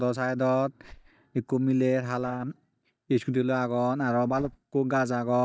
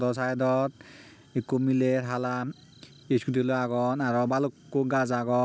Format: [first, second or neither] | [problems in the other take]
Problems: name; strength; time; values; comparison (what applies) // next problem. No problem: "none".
second | noise reduction (neural mask model DeepFilterNet 3)